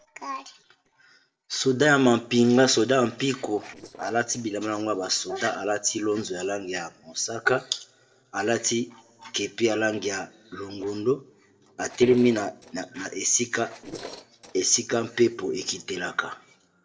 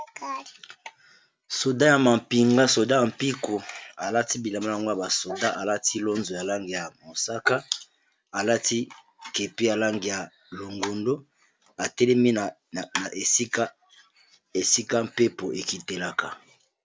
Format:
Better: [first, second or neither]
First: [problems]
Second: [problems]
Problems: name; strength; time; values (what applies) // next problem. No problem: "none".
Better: second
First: noise reduction (neural separator model SepFormer DNS4)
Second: none